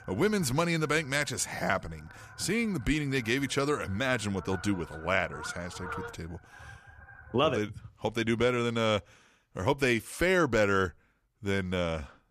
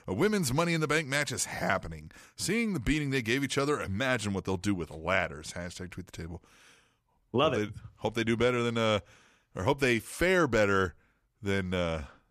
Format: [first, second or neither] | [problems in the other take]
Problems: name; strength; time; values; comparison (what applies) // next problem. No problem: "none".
second | animal sounds; noticeable; until 7.5 s; 20 dB below the speech